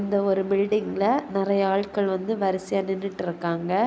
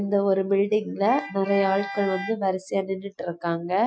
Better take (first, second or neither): first